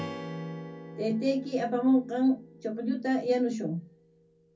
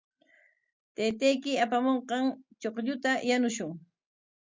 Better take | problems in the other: second | background sound (Strum); 14 dB below the speech // room echo; dies away in 0.3 s

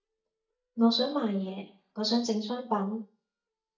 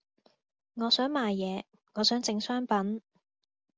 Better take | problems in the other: second | noise reduction (neural mask model DeepFilterNet 3)

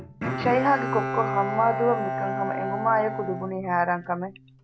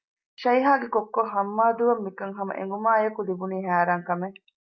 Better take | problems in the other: second | background sound (Bowed string instrument); 4 dB below the speech

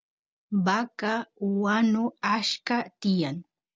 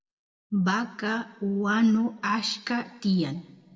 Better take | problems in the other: first | room echo; dies away in 1.1 s

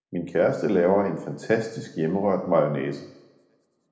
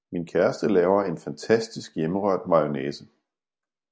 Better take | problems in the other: second | room echo; dies away in 0.9 s

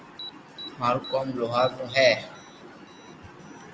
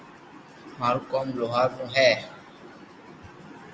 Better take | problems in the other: second | background sound (Alarm); 18 dB below the speech

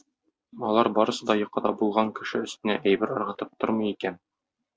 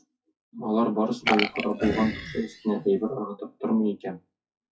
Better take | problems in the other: first | noise reduction (classical method WPE with log-MMSE)

